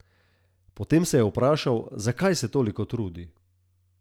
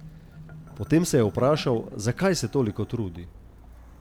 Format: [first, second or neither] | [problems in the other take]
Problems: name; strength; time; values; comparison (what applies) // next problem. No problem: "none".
first | background sound (Walk, footsteps + Marimba, xylophone); 18 dB below the speech